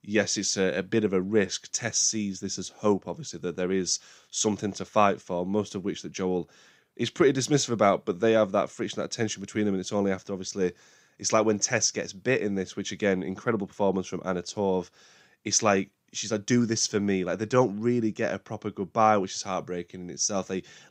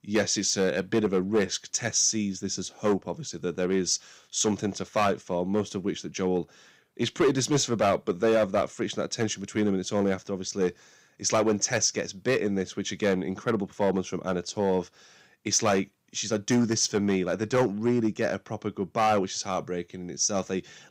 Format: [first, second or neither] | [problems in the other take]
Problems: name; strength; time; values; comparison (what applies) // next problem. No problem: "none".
first | distortion; slight; 3% of the sound clipped